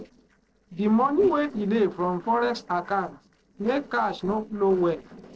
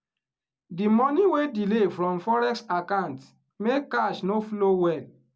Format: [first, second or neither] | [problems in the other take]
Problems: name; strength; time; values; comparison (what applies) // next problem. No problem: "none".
second | noise reduction (neural separator model SepFormer DNS4)